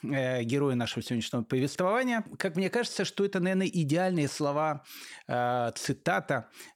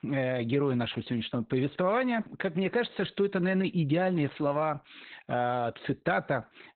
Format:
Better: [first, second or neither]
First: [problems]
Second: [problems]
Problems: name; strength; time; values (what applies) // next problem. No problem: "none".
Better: first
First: none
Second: garbled, watery; badly; nothing above 4 kHz